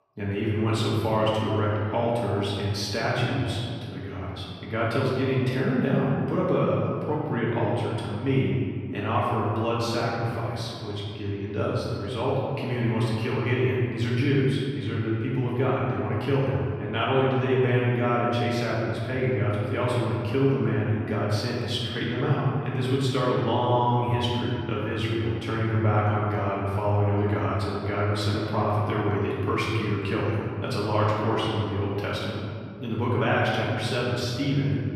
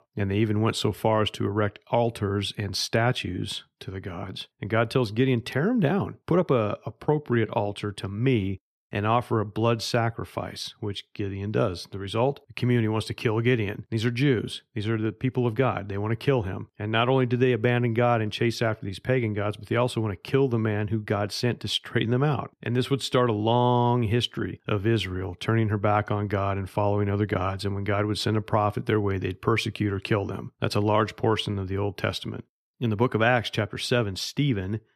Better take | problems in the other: second | room echo; strong; dies away in 2.1 s // off-mic speech; far

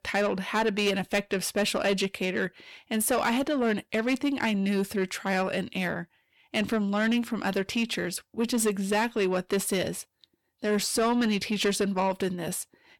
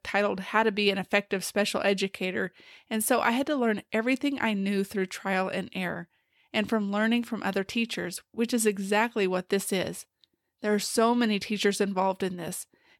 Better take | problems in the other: second | distortion; slight; 10 dB below the speech

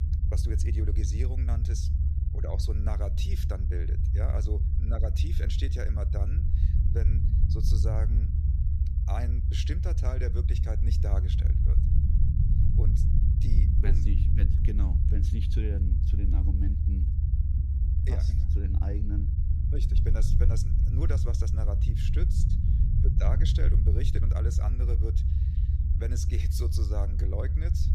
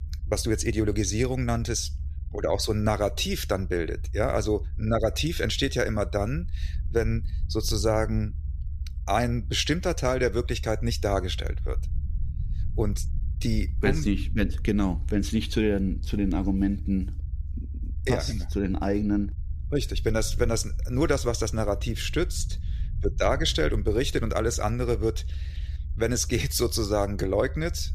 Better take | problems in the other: second | low rumble; loud; throughout; 1 dB below the speech; faint in the second

